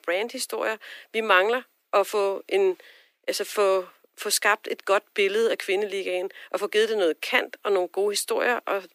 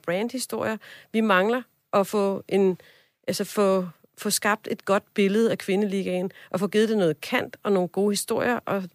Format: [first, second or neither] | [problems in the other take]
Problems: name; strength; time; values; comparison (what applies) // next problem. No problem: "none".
second | thin; very; fading below 300 Hz